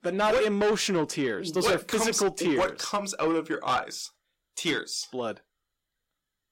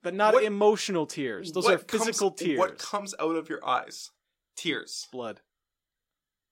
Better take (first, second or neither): second